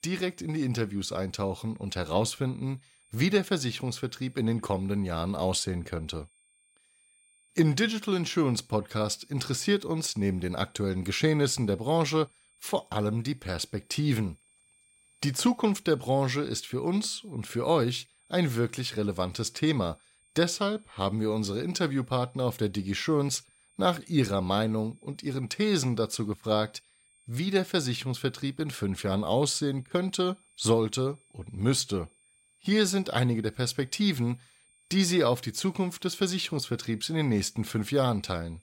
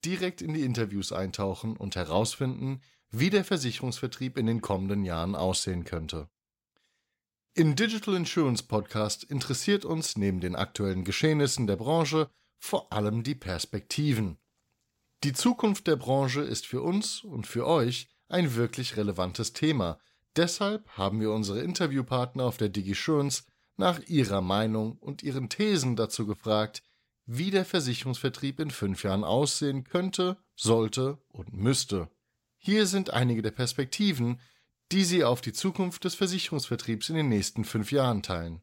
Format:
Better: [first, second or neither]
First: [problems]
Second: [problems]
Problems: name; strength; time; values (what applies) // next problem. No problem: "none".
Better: second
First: high-pitched whine; faint; throughout; 8.5 kHz, 35 dB below the speech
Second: none